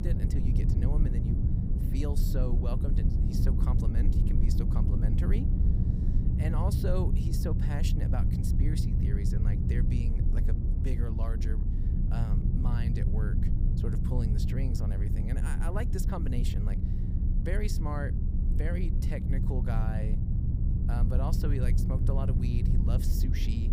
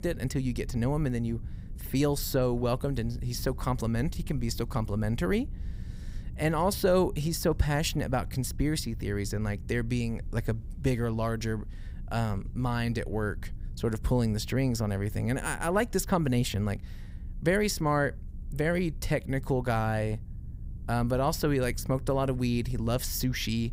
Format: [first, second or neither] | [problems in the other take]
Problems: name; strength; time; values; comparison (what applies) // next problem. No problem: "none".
second | low rumble; loud; throughout; 1 dB below the speech; faint in the second